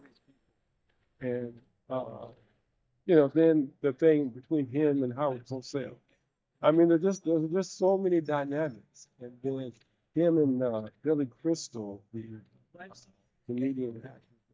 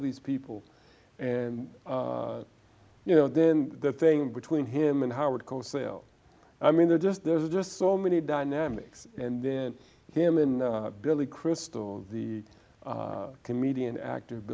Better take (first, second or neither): second